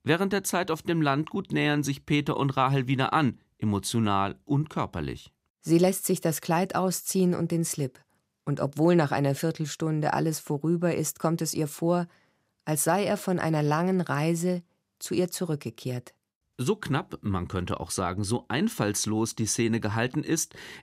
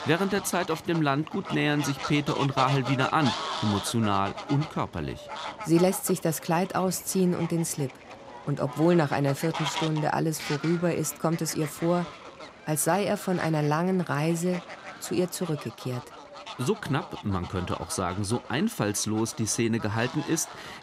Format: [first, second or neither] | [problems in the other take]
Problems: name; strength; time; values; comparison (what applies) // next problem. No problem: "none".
first | animal sounds; noticeable; throughout; 10 dB below the speech